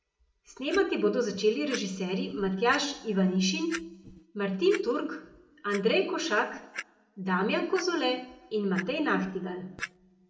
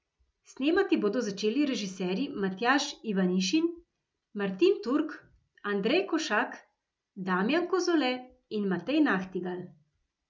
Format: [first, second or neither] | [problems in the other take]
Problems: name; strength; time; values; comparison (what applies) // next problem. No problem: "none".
second | background sound (Clock); 17 dB below the speech // room echo; dies away in 0.6 s